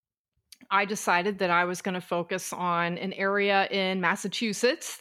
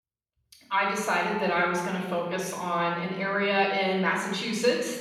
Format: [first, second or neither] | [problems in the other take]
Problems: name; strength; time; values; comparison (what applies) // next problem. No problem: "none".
first | off-mic speech; far // room echo; noticeable; dies away in 1.1 s